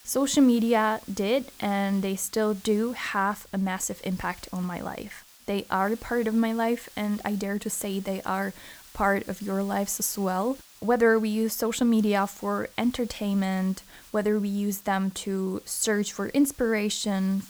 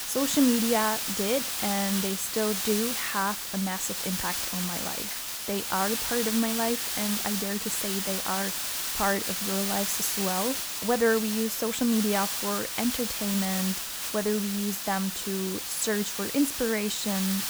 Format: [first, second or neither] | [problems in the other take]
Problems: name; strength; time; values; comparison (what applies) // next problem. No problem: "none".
first | hiss; loud; throughout; as loud as the speech; faint in the first